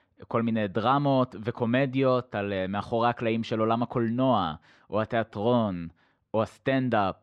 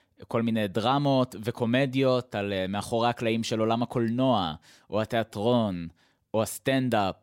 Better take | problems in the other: second | muffled; slightly; fading above 3 kHz

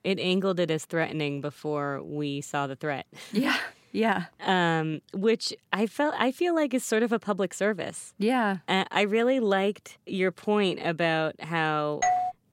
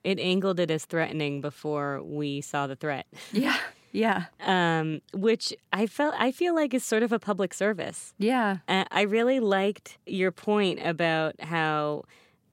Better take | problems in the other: second | doorbell; loud; at 12 s; peak 1 dB above the speech

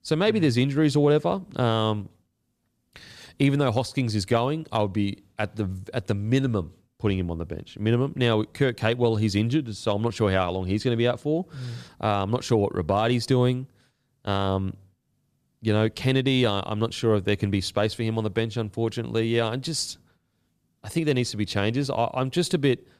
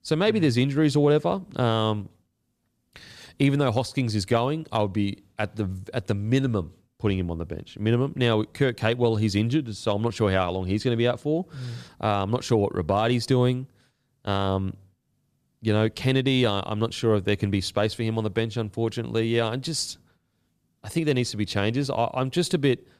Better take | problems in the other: neither | none

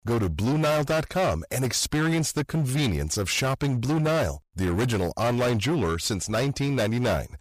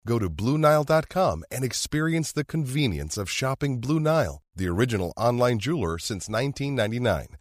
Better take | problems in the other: second | distortion; heavy; 23% of the sound clipped

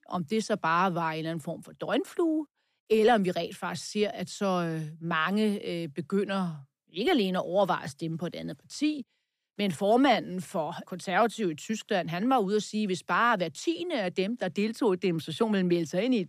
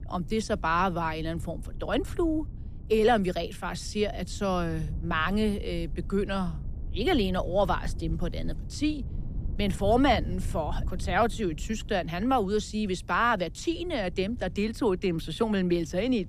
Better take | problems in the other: first | wind noise on the microphone; occasional gusts; 25 dB below the speech

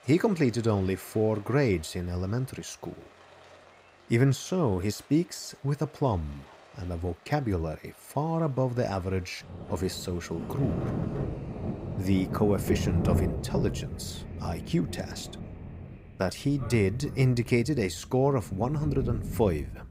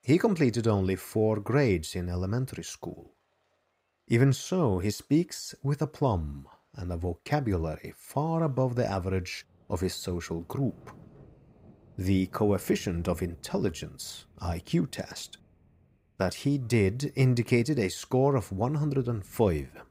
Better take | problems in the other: second | rain or running water; loud; throughout; 6 dB below the speech; faint in the second

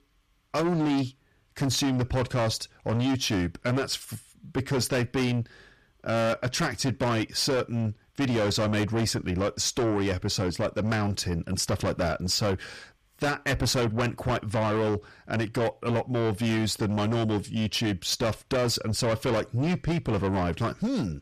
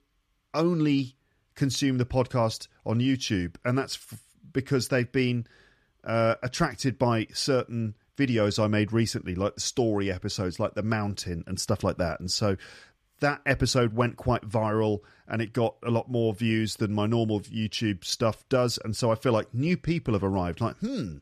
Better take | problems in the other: second | distortion; heavy; 7 dB below the speech

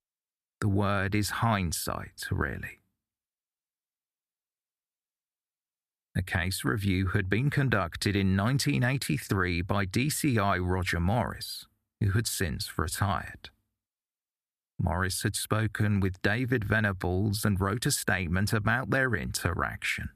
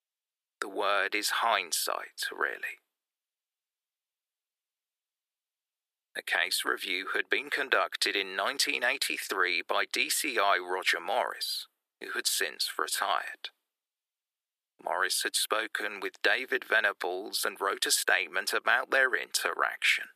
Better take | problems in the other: first | thin; very; fading below 400 Hz

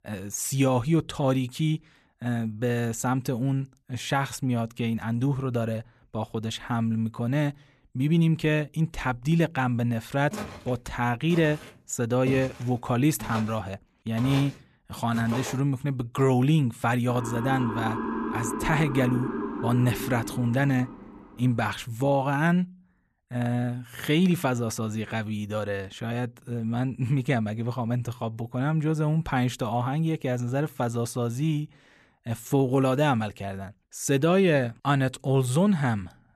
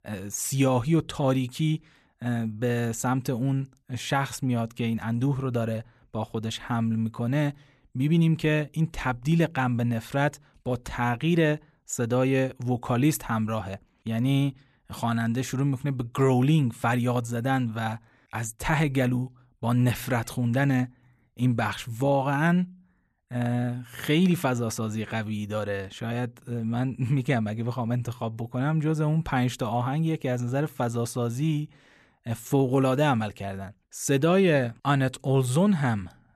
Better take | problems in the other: second | footsteps; noticeable; from 10 to 16 s; peak 8 dB below the speech // siren; noticeable; from 17 to 21 s; peak 3 dB below the speech

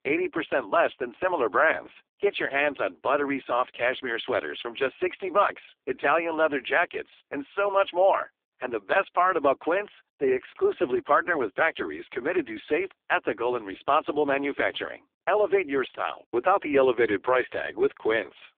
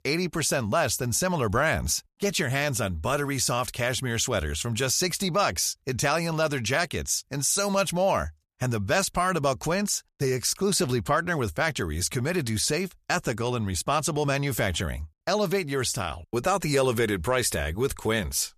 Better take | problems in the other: second | phone-call audio; poor line

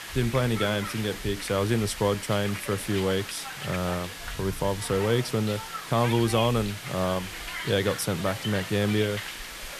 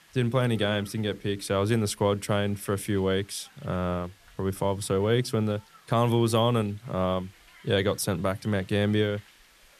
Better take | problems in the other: second | hiss; loud; throughout; 8 dB below the speech; faint in the second

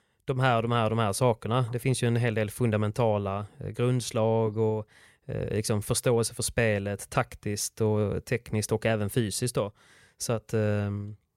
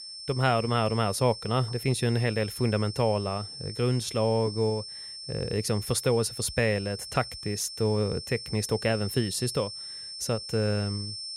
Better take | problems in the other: first | high-pitched whine; loud; throughout; 5.5 kHz, 9 dB below the speech

